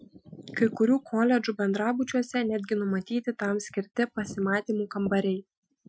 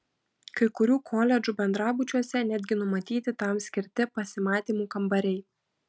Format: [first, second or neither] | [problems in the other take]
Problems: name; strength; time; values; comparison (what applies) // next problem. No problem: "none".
second | noise reduction (classical method Wiener filter)